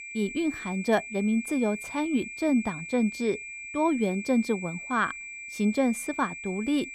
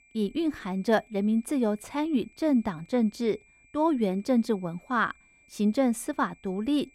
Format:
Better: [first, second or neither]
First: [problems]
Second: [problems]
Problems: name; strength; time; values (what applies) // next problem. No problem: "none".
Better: second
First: high-pitched whine; loud; throughout; 2.5 kHz, 9 dB below the speech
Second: high-pitched whine; faint; throughout; 2.5 kHz, 30 dB below the speech